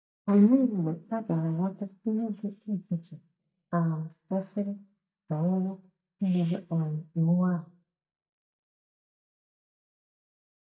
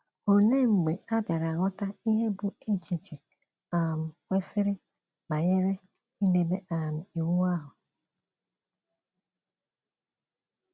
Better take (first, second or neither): second